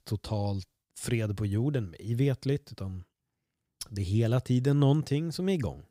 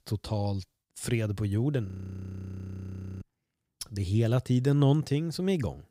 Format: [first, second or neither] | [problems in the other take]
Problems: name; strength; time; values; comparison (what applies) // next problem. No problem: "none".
first | audio freezing; at 2 s for 1.5 s